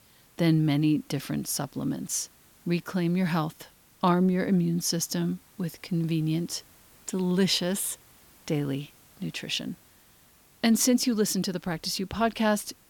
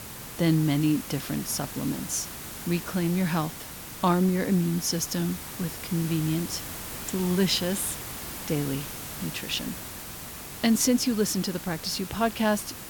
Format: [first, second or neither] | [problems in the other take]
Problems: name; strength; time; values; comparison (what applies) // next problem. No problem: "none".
first | hiss; loud; throughout; 9 dB below the speech; faint in the first